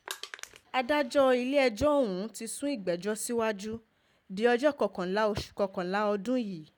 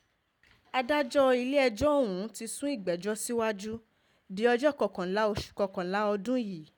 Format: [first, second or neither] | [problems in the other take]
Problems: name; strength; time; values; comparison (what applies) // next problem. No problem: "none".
second | background sound (Crushing); 13 dB below the speech